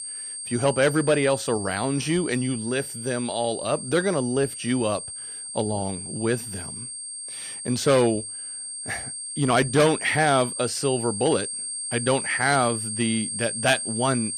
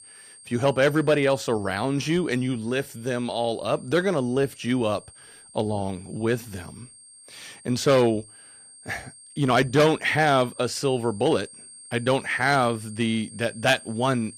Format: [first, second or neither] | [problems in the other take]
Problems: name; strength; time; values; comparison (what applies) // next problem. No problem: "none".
second | high-pitched whine; loud; throughout; 8.5 kHz, 6 dB below the speech; faint in the second